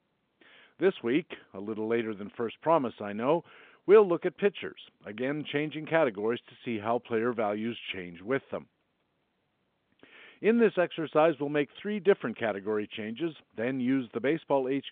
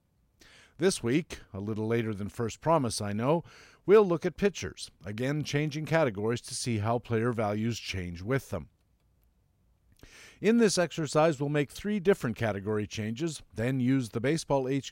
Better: second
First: phone-call audio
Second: none

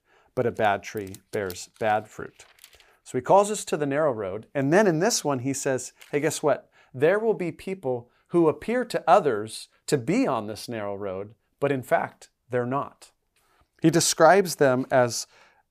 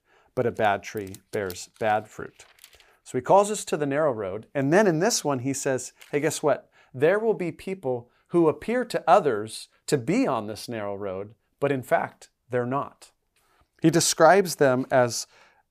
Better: neither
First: none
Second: none

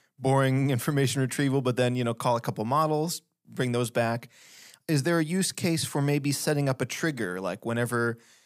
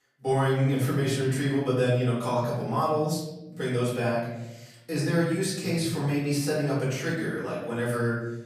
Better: first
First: none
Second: off-mic speech; far // room echo; noticeable; dies away in 0.9 s

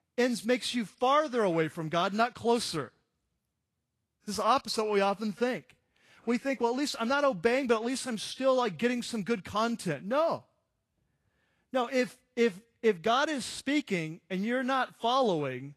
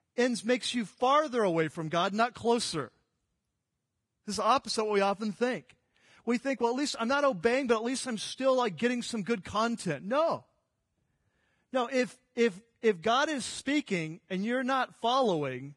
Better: first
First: garbled, watery; slightly; nothing above 13.5 kHz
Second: garbled, watery; badly; nothing above 10 kHz

